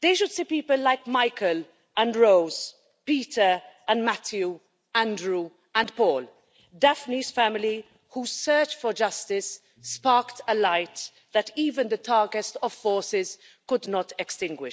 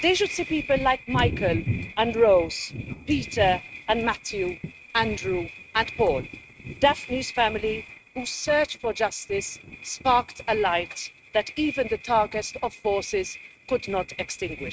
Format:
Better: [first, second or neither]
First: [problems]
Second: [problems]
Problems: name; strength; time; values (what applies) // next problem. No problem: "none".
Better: first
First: none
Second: noise reduction (neural mask model RNNoise)